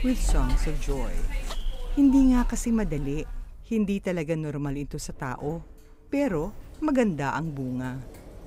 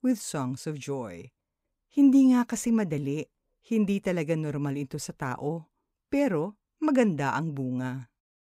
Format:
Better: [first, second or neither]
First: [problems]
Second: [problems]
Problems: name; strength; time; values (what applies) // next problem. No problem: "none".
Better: second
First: household noises; loud; throughout; 8 dB below the speech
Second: none